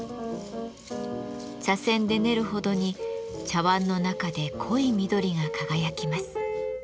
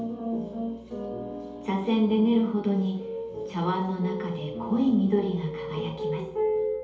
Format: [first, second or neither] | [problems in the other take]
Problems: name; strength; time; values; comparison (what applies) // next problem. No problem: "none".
first | room echo; dies away in 2.2 s